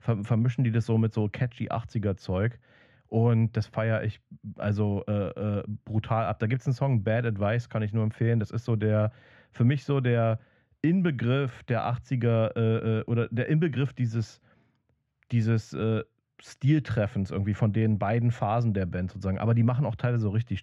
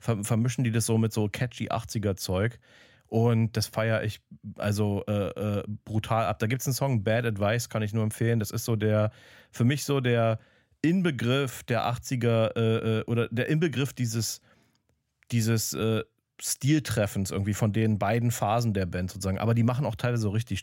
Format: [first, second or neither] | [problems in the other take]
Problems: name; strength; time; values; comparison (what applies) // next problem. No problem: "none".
second | muffled; very; fading above 2.5 kHz